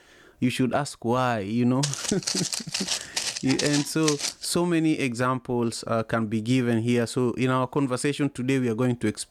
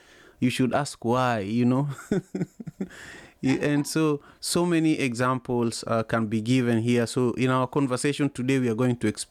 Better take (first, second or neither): second